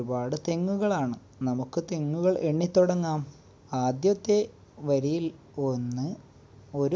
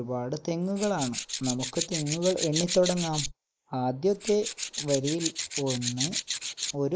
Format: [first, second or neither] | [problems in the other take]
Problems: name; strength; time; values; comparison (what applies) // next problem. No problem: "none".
first | noise reduction (neural mask model Resemble Enhance denoiser)